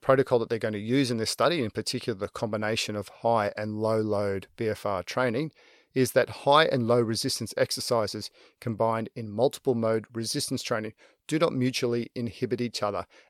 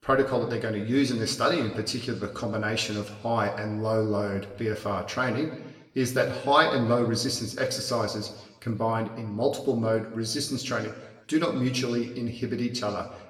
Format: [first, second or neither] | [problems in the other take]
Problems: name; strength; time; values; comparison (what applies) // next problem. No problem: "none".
first | room echo; slight; dies away in 1 s // off-mic speech; somewhat distant